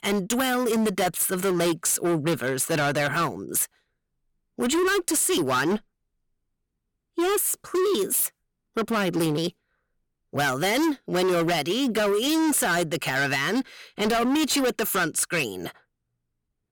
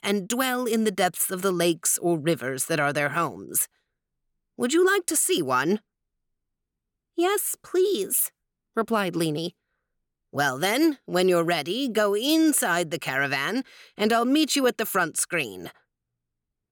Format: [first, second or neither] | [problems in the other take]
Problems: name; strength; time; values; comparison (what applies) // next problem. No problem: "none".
second | distortion; heavy; 20% of the sound clipped